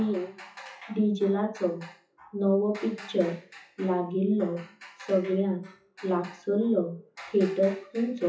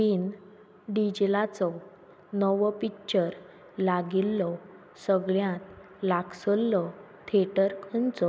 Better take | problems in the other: second | noise reduction (classical method WPE with log-MMSE)

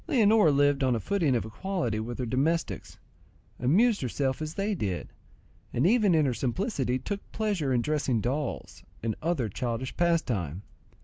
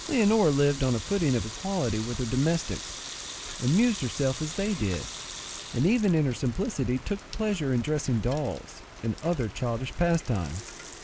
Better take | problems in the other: first | background sound (Sink (filling or washing) / Water tap, faucet / Liquid + Rain); 13 dB below the speech

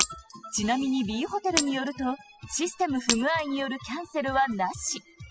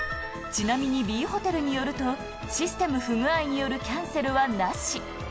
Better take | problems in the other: second | noise reduction (classical method spectral subtraction)

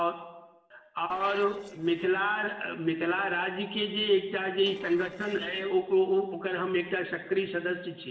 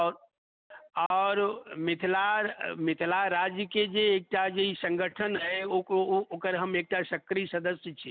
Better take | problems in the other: second | noise reduction (neural separator model SepFormer DNS4)

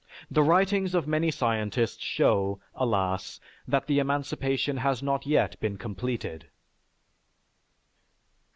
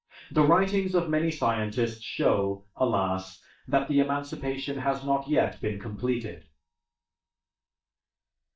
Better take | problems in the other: first | noise reduction (neural mask model DeepFilterNet 3)

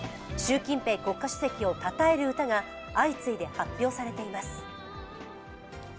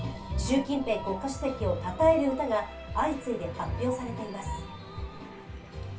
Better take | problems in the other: first | background sound (Train); 18 dB below the speech // room echo; dies away in 0.2 s

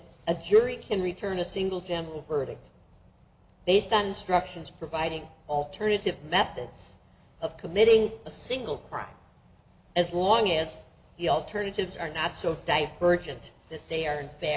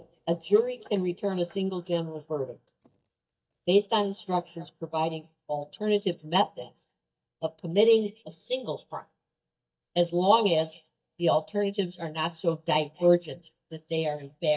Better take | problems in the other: first | noise reduction (neural mask model DeepFilterNet 3)

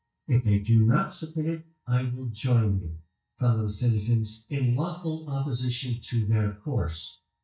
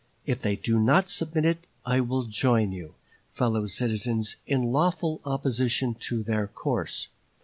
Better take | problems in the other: second | noise reduction (neural mask model DeepFilterNet 3)

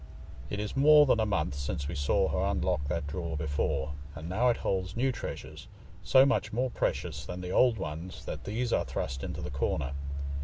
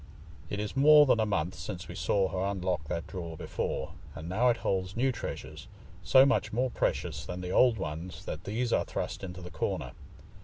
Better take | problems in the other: second | background sound (Engine); 6 dB below the speech

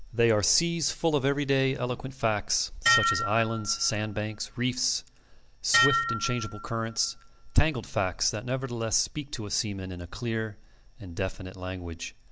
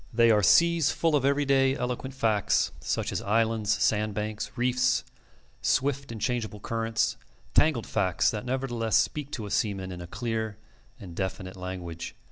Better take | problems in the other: second | background sound (Dishes, pots, and pans); 3 dB below the speech

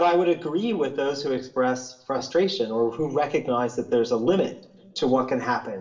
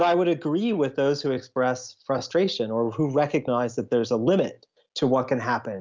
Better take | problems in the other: second | room echo; dies away in 0.6 s

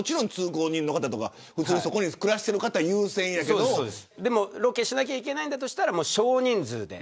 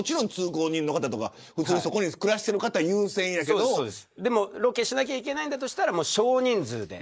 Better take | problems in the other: first | noise reduction (neural mask model Resemble Enhance denoiser)

